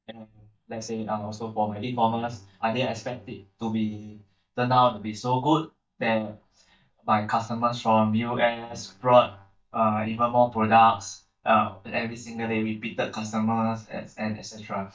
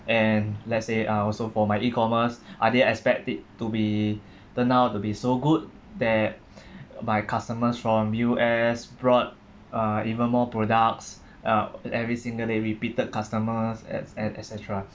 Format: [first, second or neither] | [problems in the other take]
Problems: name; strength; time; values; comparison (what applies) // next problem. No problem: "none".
second | noise reduction (neural mask model DeepFilterNet 3)